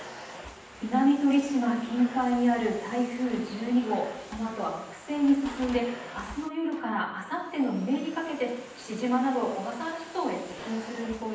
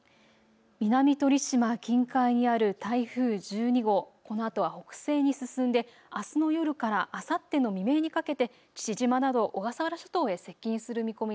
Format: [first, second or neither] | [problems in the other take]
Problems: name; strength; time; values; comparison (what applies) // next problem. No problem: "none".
second | background sound (Domestic sounds, home sounds); 16 dB below the speech // room echo; dies away in 0.9 s